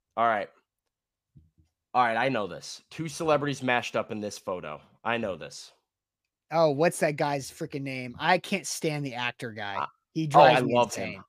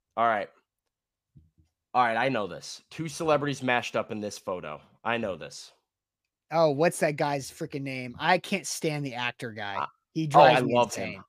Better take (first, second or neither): neither